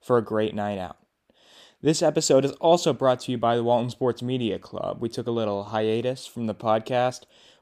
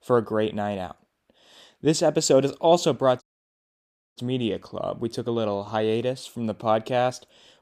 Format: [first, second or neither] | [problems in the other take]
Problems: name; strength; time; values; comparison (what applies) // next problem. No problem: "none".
first | audio cutting out; at 3 s for 1 s